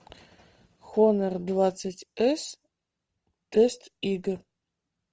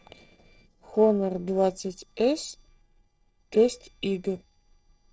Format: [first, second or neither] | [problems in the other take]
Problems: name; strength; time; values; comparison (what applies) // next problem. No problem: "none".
first | noise reduction (neural separator model SepFormer DNS4)